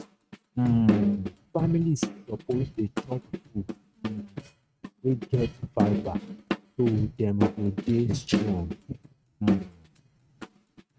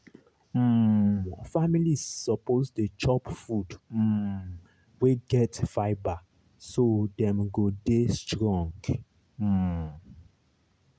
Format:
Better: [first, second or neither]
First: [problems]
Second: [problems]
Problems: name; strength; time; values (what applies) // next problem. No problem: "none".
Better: second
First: noise reduction (neural mask model RNNoise)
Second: none